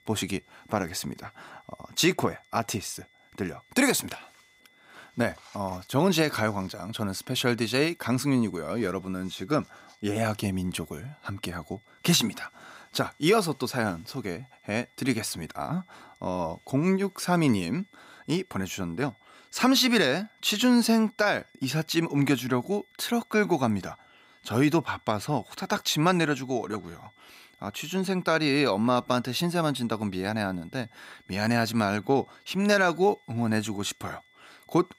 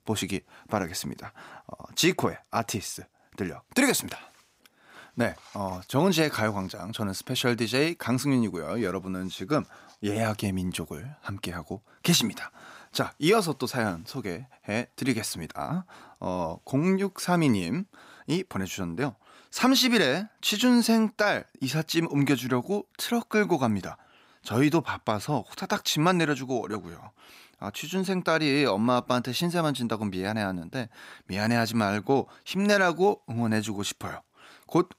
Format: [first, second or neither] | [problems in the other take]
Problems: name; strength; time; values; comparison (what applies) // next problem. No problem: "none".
second | high-pitched whine; faint; throughout; 2 kHz, 30 dB below the speech